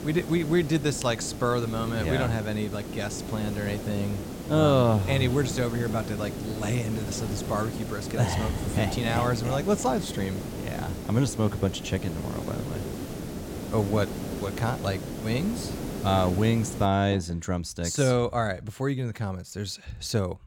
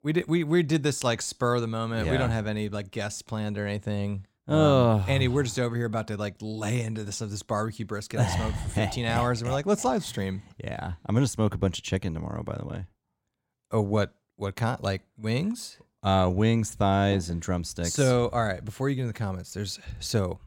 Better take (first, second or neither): second